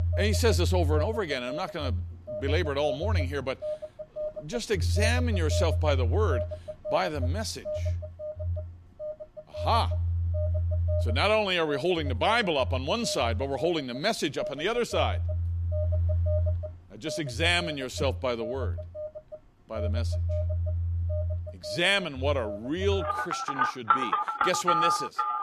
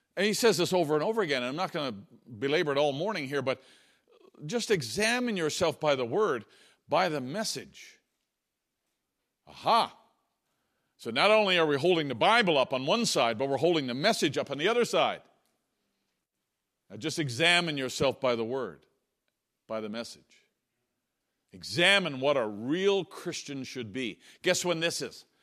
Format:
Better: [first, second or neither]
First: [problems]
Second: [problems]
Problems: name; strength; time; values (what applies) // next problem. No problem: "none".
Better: second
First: alarms or sirens; loud; throughout; 2 dB below the speech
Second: none